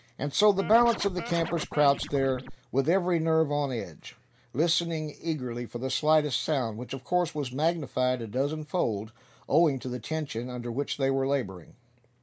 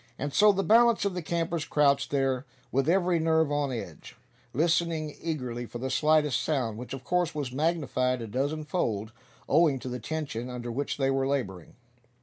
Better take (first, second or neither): second